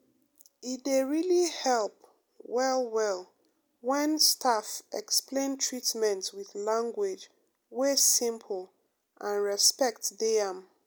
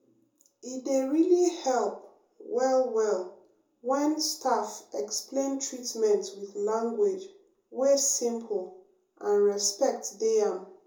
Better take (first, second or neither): first